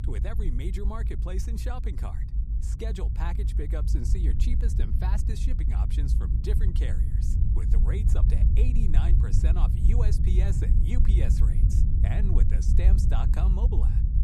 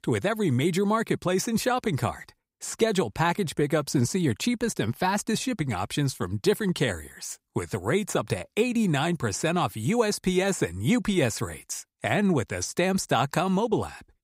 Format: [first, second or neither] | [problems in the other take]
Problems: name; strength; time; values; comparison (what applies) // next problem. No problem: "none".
second | low rumble; loud; throughout; 2 dB below the speech